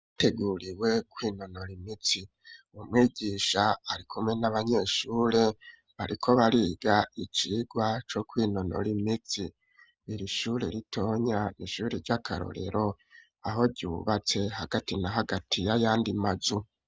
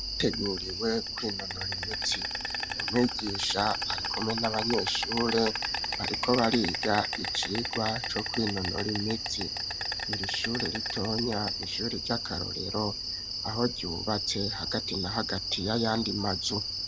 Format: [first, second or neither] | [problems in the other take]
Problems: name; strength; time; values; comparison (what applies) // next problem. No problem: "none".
first | background sound (Insect); 2 dB below the speech